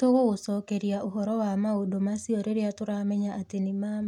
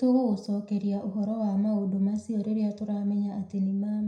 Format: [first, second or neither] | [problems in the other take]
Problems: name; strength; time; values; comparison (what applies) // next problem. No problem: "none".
first | room echo; dies away in 0.4 s